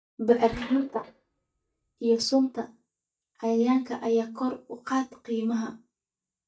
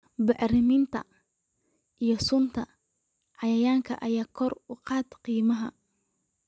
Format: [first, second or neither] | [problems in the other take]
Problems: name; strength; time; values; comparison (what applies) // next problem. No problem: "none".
second | noise reduction (neural mask model DeepFilterNet 3)